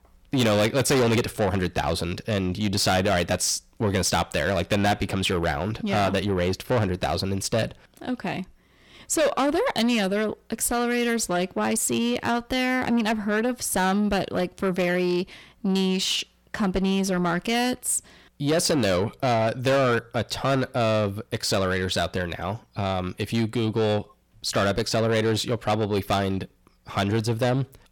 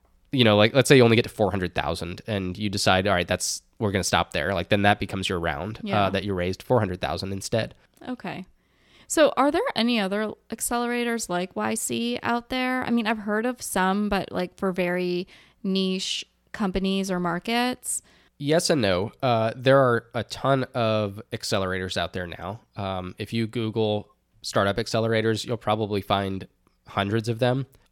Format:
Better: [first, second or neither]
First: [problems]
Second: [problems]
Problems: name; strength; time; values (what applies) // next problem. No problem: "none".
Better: second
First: distortion; heavy; 7 dB below the speech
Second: none